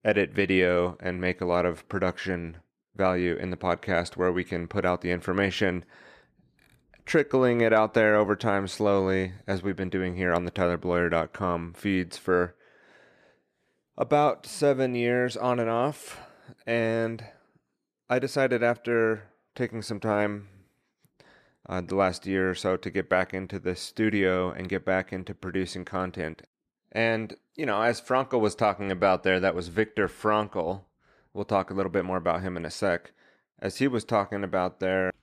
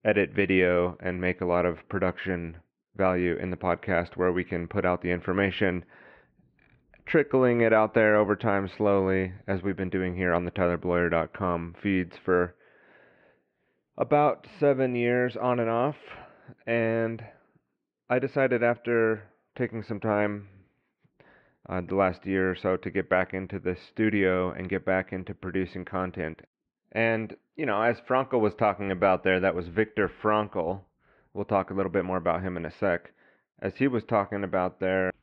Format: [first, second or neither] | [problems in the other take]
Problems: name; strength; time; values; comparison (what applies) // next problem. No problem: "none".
first | muffled; very; fading above 2.5 kHz